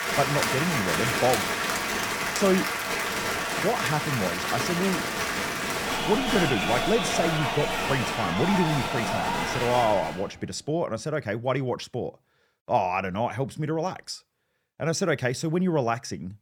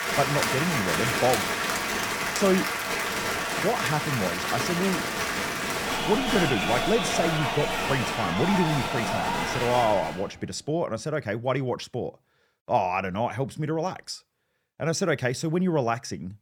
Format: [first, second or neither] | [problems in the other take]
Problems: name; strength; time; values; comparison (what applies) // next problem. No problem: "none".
neither | crowd noise; very loud; until 10 s; 1 dB above the speech; the same in both